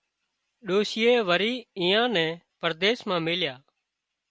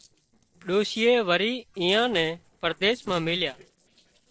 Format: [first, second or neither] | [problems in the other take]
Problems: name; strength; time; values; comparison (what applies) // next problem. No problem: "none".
first | noise reduction (neural separator model SepFormer DNS4)